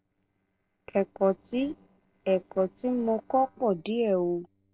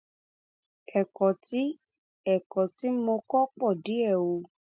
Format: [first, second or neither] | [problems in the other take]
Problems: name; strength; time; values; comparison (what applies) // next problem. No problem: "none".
second | noise reduction (neural separator model SepFormer DNS4)